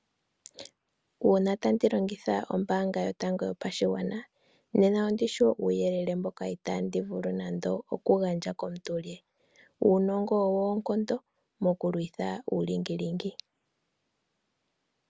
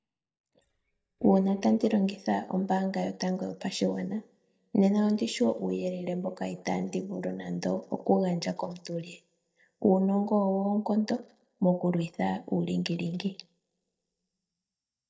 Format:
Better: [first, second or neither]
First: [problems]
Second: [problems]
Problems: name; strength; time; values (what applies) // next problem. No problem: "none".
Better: first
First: none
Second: noise reduction (neural mask model DeepFilterNet 3)